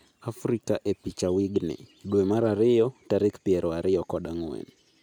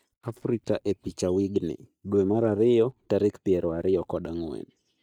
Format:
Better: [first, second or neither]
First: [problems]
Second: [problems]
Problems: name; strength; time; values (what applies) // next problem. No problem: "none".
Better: first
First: none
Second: noise reduction (neural mask model DeepFilterNet 3)